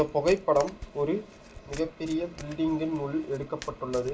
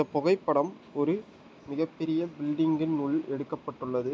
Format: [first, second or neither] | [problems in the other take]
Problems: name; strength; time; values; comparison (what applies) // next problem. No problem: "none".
second | background sound (Domestic sounds, home sounds); 17 dB below the speech // room echo; dies away in 0.2 s